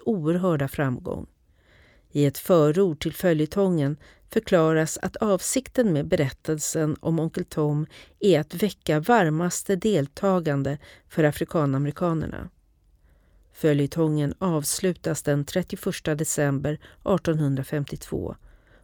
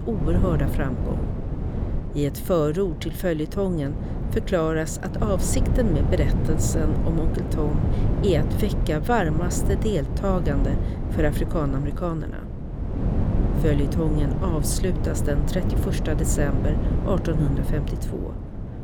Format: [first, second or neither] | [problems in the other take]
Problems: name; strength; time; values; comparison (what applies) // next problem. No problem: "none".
first | wind noise on the microphone; heavy; 6 dB below the speech